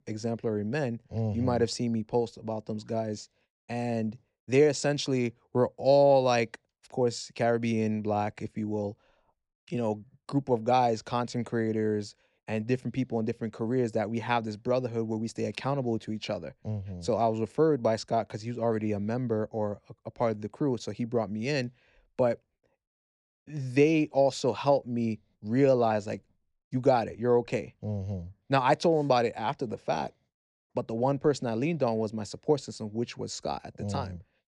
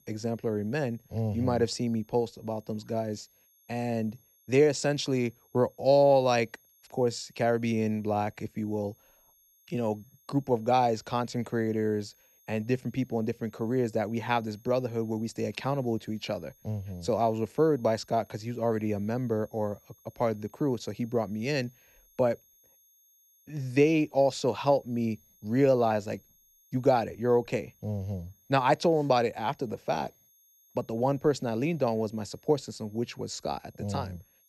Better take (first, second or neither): first